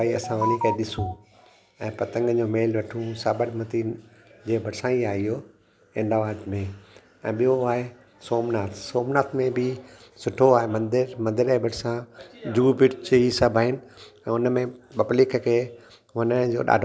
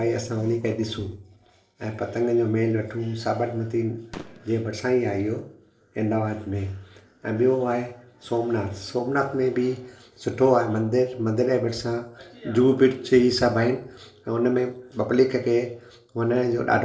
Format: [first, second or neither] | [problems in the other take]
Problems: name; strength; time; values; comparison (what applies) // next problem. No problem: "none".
first | noise reduction (neural separator model SepFormer DNS4)